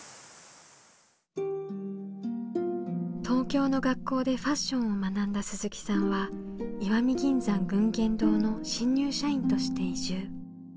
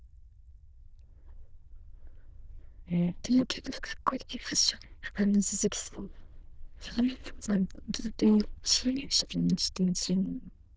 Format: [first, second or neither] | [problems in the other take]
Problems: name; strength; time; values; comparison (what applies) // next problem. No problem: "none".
first | noise reduction (neural diffusion model UNIVERSE++)